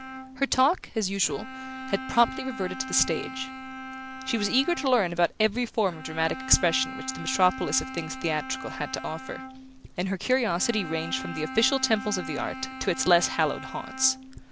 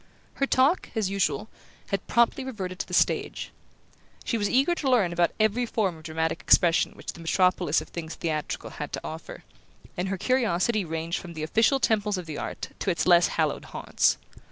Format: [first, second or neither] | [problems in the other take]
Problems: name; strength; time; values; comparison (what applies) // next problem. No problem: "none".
second | background sound (Bowed string instrument); 11 dB below the speech